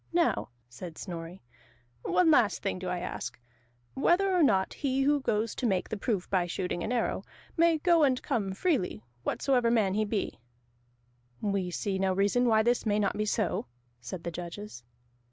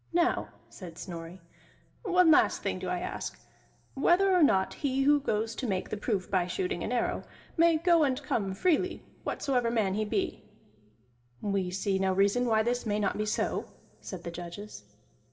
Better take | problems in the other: first | room echo; dies away in 0.9 s

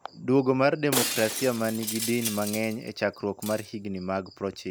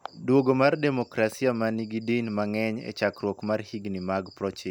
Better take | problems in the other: second | background sound (Shatter); 7 dB below the speech

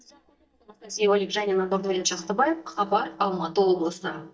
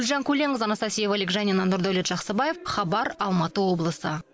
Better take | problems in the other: second | noise reduction (neural mask model DeepFilterNet 3)

